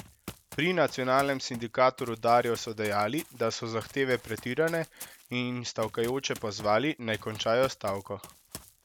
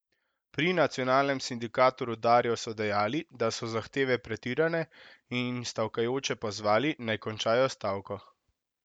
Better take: second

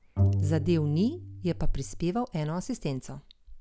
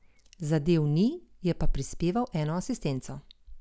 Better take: second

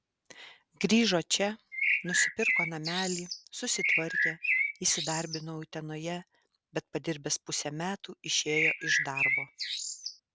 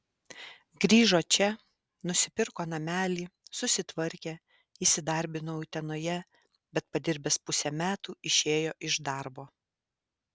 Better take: second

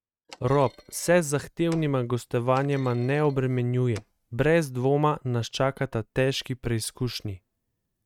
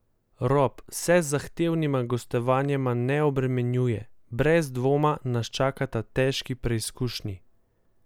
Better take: second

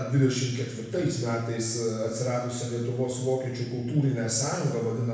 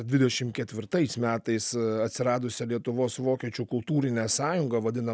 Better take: second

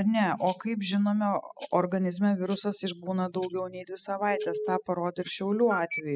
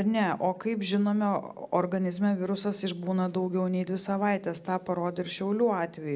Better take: second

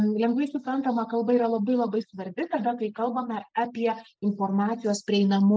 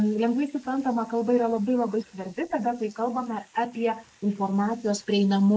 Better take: first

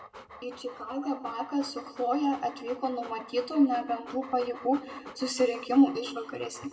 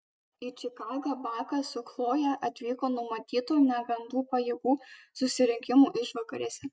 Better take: second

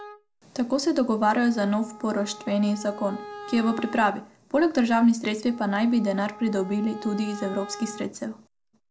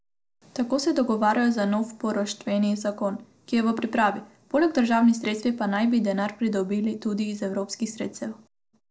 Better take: second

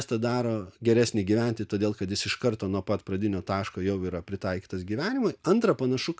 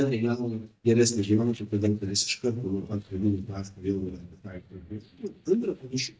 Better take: first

